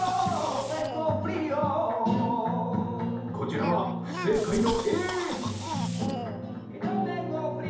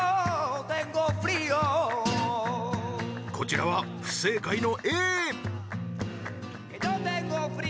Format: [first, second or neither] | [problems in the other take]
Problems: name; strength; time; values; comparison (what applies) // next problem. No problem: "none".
second | background sound (Cough); 11 dB below the speech // room echo; dies away in 0.8 s